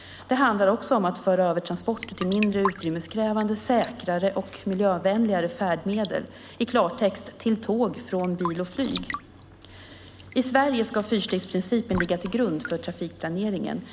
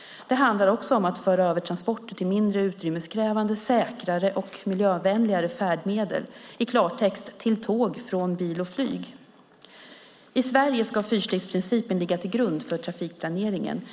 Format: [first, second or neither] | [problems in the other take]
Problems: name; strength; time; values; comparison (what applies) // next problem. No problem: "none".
second | background sound (Raindrop / Drip / Trickle, dribble); 15 dB below the speech